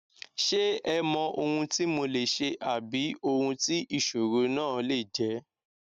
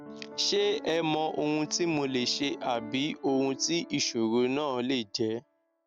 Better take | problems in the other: first | background sound (Piano); 17 dB below the speech

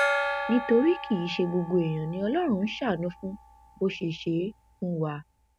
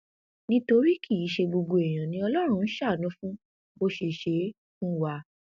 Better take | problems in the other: second | background sound (Gong); 7 dB below the speech

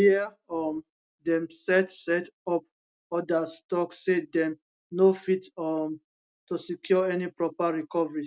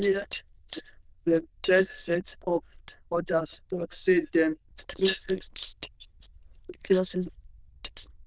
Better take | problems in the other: first | noise reduction (neural diffusion model UNIVERSE++)

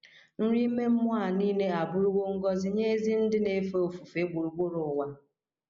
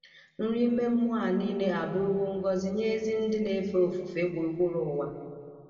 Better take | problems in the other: first | room echo; dies away in 1.9 s

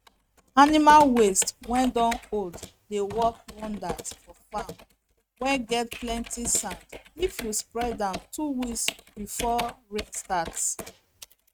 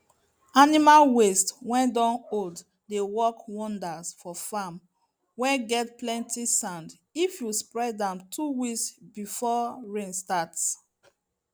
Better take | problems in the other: second | noise reduction (neural mask model RNNoise)

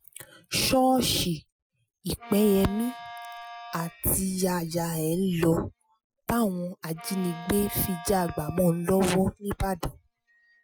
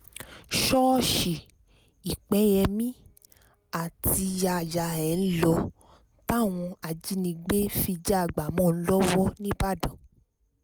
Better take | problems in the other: second | noise reduction (classical method Wiener filter)

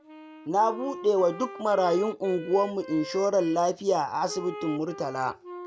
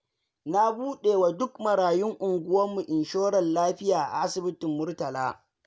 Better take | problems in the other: second | background sound (Wind instrument, woodwind instrument); 14 dB below the speech

